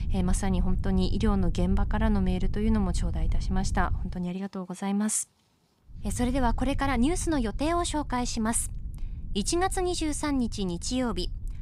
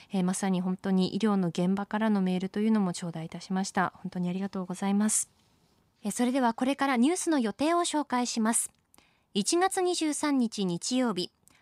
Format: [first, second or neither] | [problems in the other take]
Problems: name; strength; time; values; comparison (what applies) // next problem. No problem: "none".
second | low rumble; noticeable; until 4 s and from 6 s on; 20 dB below the speech